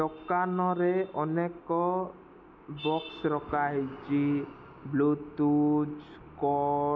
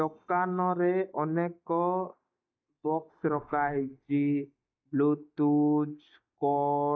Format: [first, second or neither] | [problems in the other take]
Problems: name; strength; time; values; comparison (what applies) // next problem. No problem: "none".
first | noise reduction (neural mask model DeepFilterNet 3)